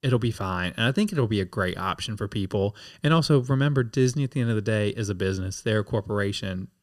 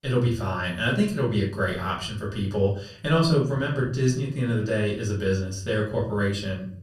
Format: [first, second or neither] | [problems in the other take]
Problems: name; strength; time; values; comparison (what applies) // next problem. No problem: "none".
first | room echo; slight; dies away in 0.4 s // off-mic speech; far